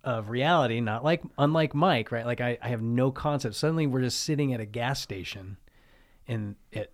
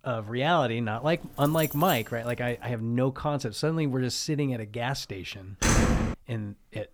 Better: first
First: none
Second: jangling keys; noticeable; from 1 to 3 s; peak 5 dB below the speech // door banging; loud; at 5.5 s; peak 5 dB above the speech

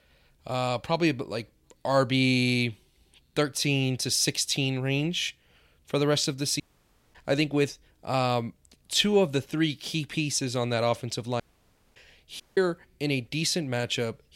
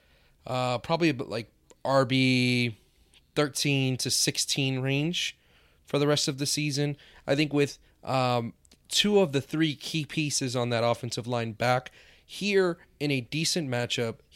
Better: second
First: audio cutting out; at 6.5 s for 0.5 s, at 11 s for 0.5 s and at 12 s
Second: none

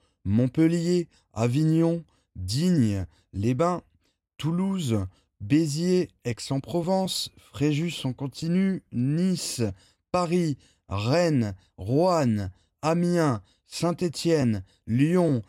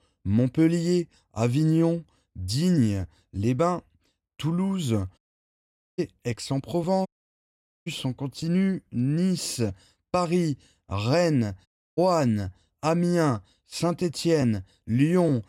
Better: first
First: none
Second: audio cutting out; at 5 s for 1 s, at 7 s for 1 s and at 12 s

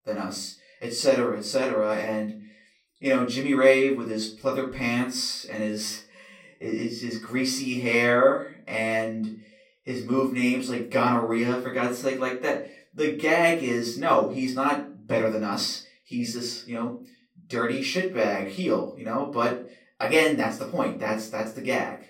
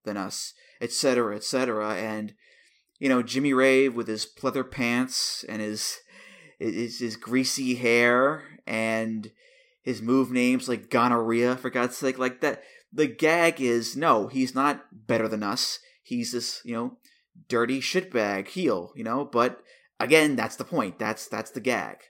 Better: second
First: off-mic speech; far // room echo; slight; dies away in 0.3 s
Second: none

